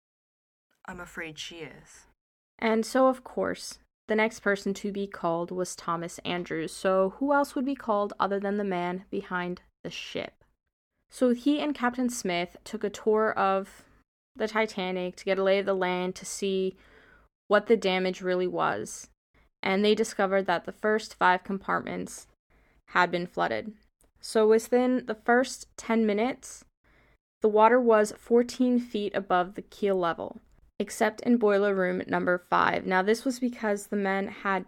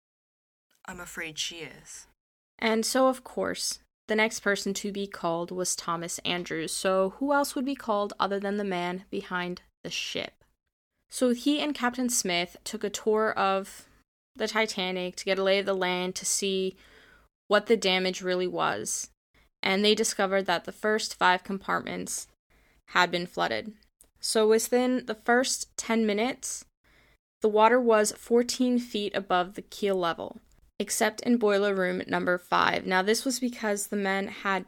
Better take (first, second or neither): second